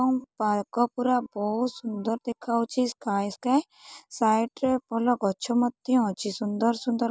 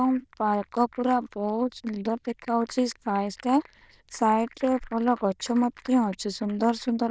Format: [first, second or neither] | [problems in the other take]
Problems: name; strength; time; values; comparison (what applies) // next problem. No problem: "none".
first | noise reduction (neural diffusion model UNIVERSE++)